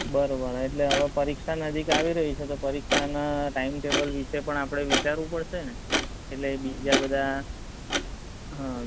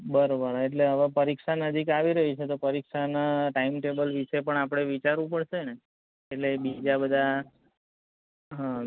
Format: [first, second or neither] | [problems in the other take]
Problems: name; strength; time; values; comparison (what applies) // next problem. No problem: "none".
second | background sound (Clock); 3 dB below the speech